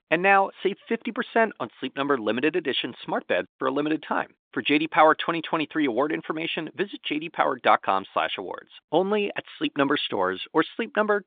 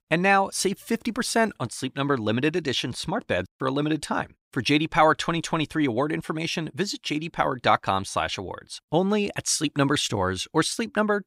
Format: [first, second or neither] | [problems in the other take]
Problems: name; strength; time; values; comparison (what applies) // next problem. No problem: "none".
second | phone-call audio; nothing above 3.5 kHz